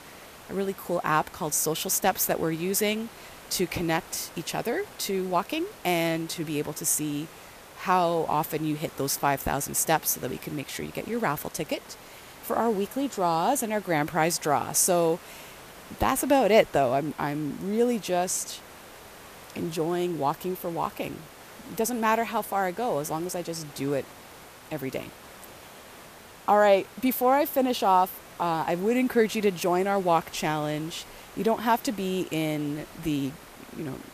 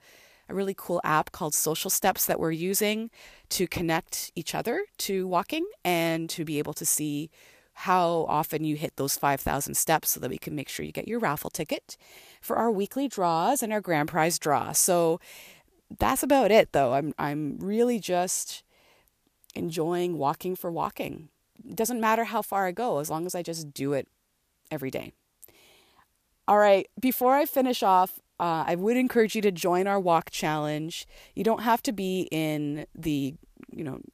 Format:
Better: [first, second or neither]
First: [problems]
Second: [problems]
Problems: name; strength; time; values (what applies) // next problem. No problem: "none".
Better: second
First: hiss; noticeable; throughout; 20 dB below the speech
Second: none